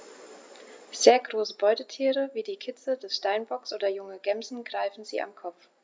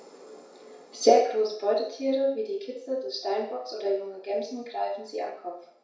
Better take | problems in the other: first | room echo; dies away in 0.6 s

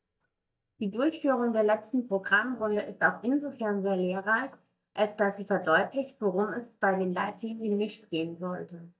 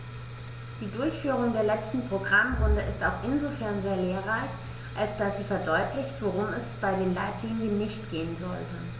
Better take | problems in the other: second | noise reduction (neural mask model DeepFilterNet 3)

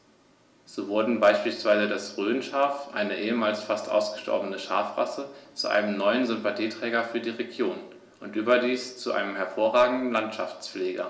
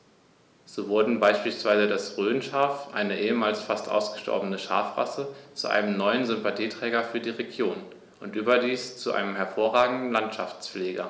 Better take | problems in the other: second | room echo; dies away in 0.2 s

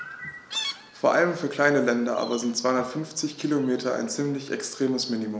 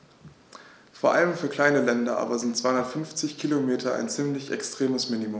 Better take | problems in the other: second | background sound (Chirp, tweet); 15 dB below the speech

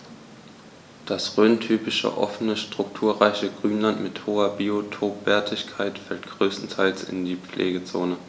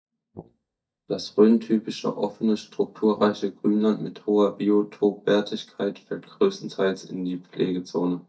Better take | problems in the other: first | noise reduction (neural mask model DeepFilterNet 3)

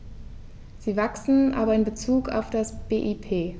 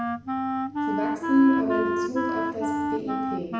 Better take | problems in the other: first | background sound (Wind instrument, woodwind instrument); as loud as the speech // room echo; dies away in 0.9 s

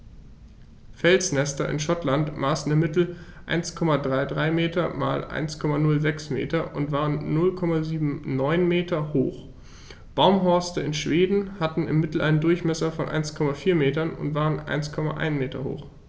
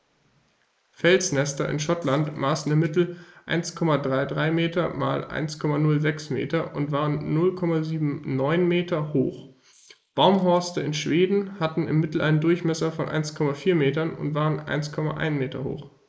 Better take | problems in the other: first | noise reduction (neural mask model Resemble Enhance denoiser)

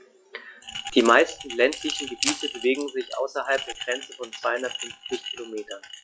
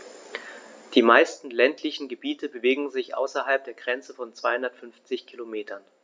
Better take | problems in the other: second | noise reduction (classical method log-MMSE)

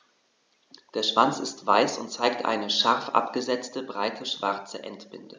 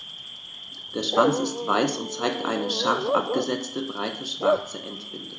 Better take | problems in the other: first | background sound (Bark / Cricket); 2 dB below the speech // room echo; dies away in 0.4 s

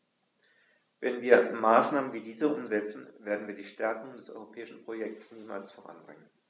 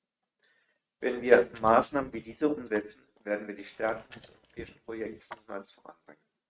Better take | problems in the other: first | noise reduction (neural mask model RNNoise)

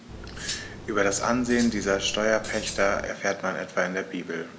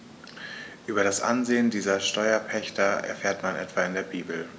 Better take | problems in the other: second | background sound (Cutlery, silverware); 11 dB below the speech

